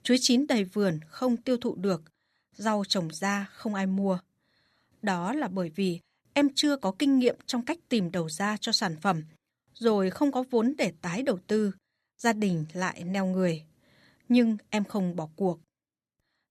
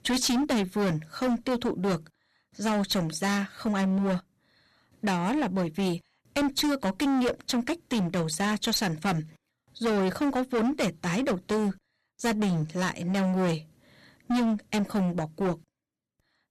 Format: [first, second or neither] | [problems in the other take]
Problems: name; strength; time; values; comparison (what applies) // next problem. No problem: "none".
first | distortion; heavy; 20% of the sound clipped